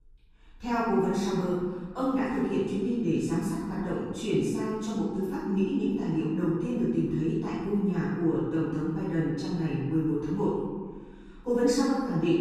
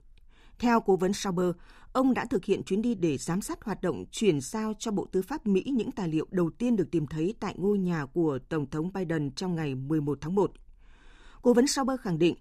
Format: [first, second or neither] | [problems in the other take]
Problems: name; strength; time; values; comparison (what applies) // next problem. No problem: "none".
second | room echo; strong; dies away in 1.4 s // off-mic speech; far